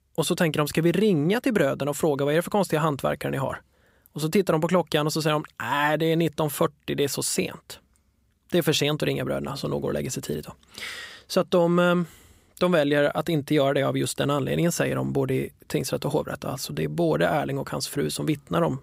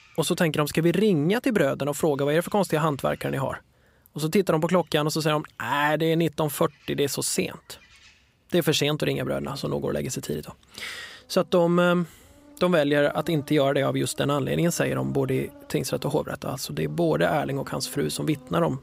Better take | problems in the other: first | animal sounds; faint; throughout; 25 dB below the speech

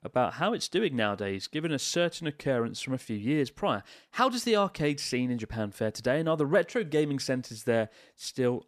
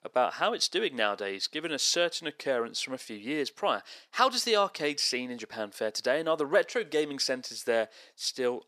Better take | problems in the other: first | thin; somewhat; fading below 400 Hz

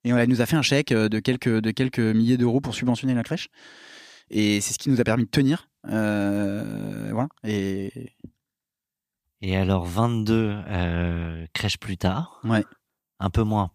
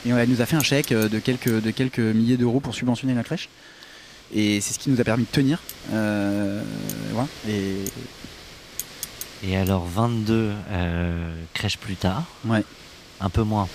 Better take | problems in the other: first | wind noise on the microphone; occasional gusts; 15 dB below the speech

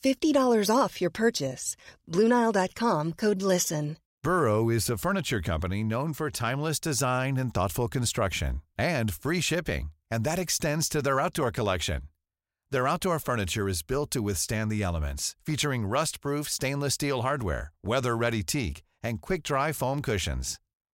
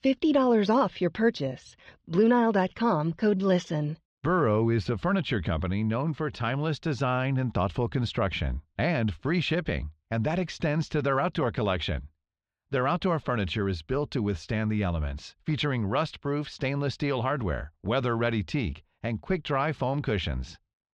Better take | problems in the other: first | muffled; slightly; fading above 3.5 kHz

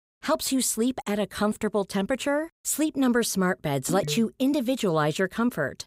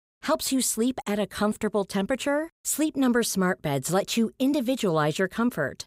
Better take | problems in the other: second | phone ringing; noticeable; at 4 s; peak 8 dB below the speech

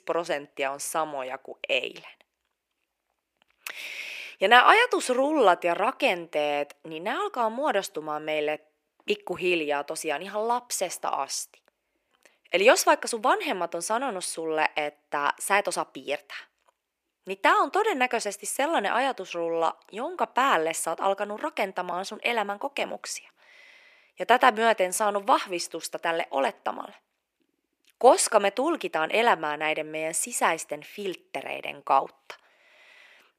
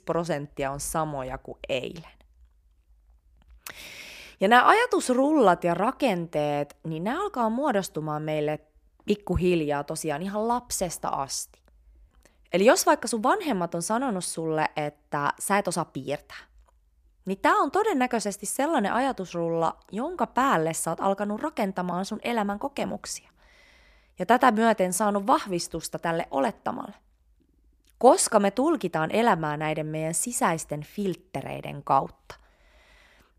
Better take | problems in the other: second | thin; somewhat; fading below 400 Hz

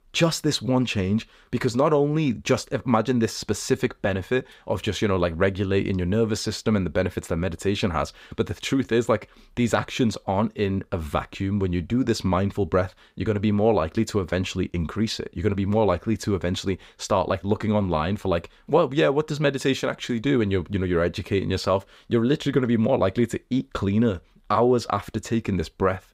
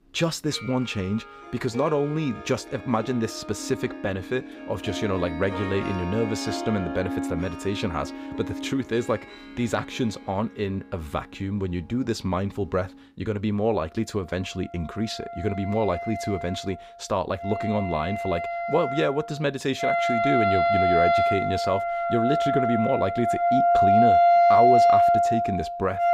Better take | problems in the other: first | background music; very loud; throughout; 4 dB above the speech

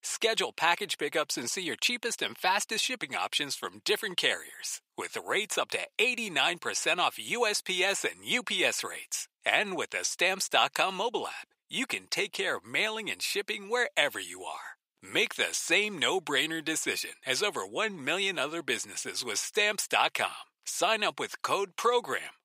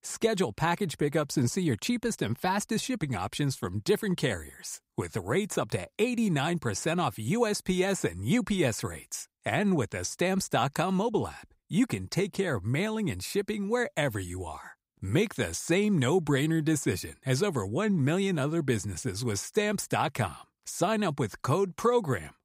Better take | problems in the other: second | thin; very; fading below 550 Hz

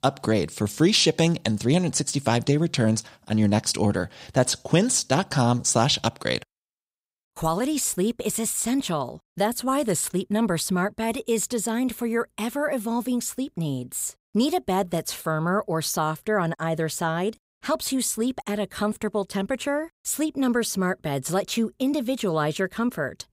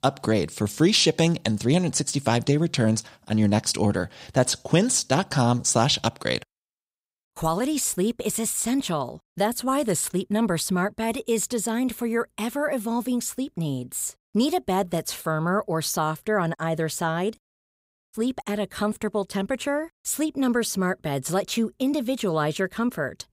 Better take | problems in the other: first | audio cutting out; at 17 s for 0.5 s

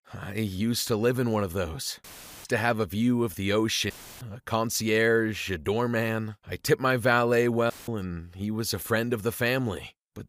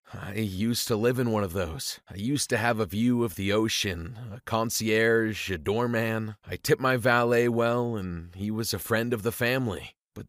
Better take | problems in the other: second | audio cutting out; filled with static; at 2 s, at 4 s and at 7.5 s

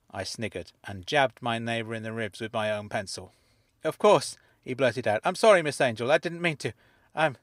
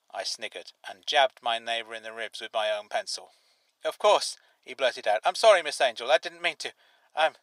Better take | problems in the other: first | thin; very; fading below 650 Hz

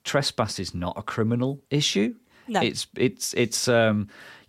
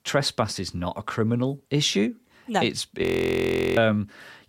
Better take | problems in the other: first | audio freezing; at 3 s for 0.5 s

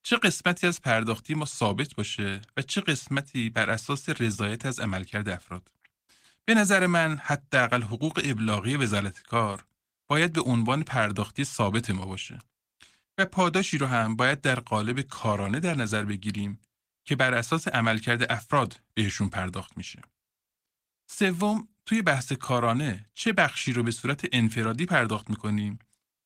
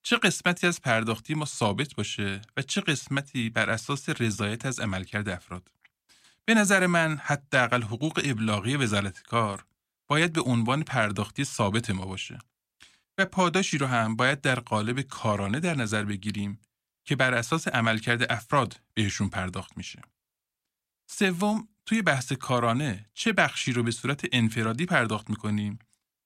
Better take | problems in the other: second | garbled, watery; slightly; nothing above 16 kHz

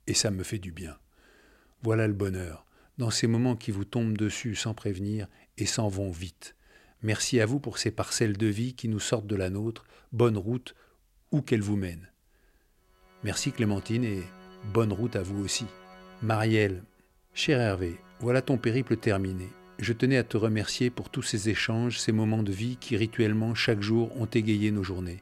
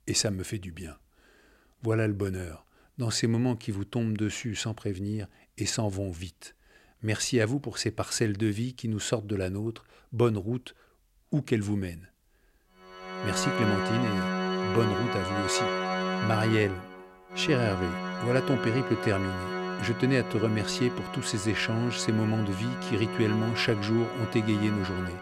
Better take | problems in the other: first | background music; loud; from 13 s on; 3 dB below the speech; faint in the first

